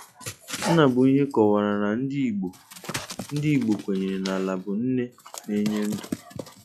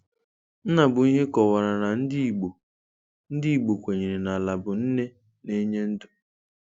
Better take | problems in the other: second | noise reduction (classical method log-MMSE)

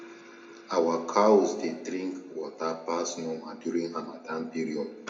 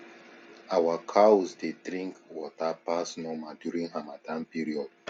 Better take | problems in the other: second | room echo; dies away in 0.6 s

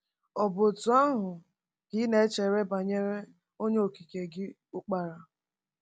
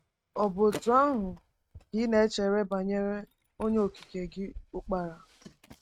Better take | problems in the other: first | noise reduction (neural mask model RNNoise)

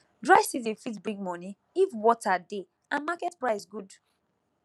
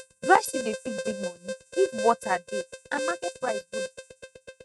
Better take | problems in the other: first | noise reduction (neural mask model RNNoise)

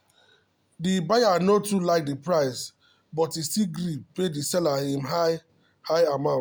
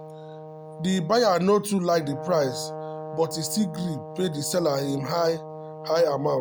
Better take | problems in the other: first | background sound (Brass instrument); 12 dB below the speech

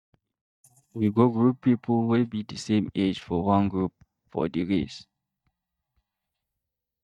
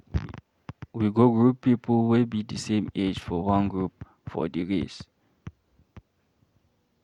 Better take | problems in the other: second | noise reduction (neural mask model DeepFilterNet 3)

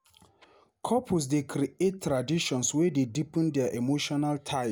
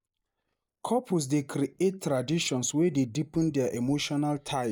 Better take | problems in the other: first | noise reduction (neural mask model DeepFilterNet 3)

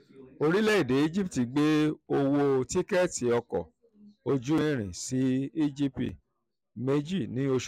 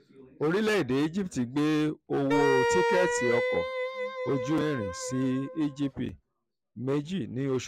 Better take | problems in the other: first | background sound (Wind instrument, woodwind instrument); 1 dB below the speech

